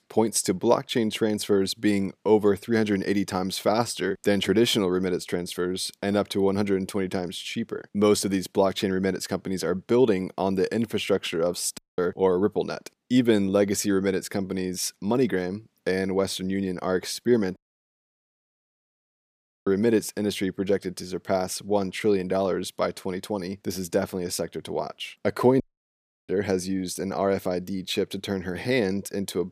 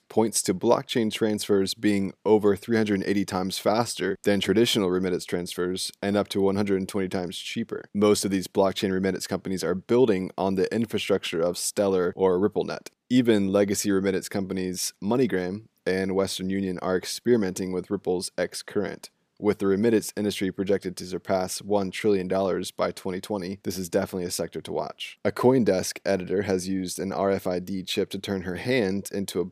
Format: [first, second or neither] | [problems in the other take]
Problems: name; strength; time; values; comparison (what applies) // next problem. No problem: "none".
second | audio cutting out; at 12 s, at 18 s for 2 s and at 26 s for 0.5 s